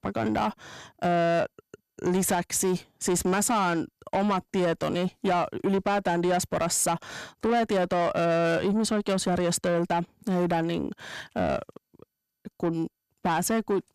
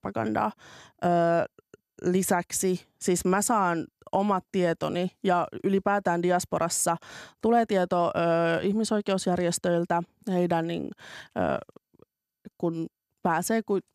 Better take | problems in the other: second | distortion; slight; 10 dB below the speech

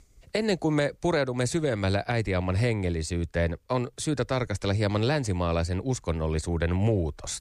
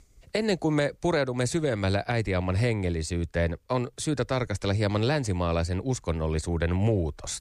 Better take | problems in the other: neither | none

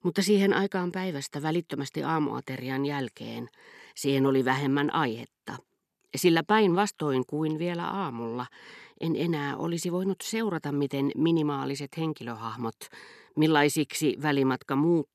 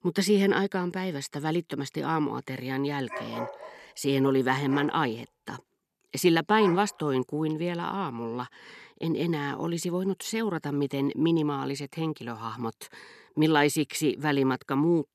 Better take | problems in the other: first | dog barking; noticeable; from 3 to 7 s; peak 8 dB below the speech

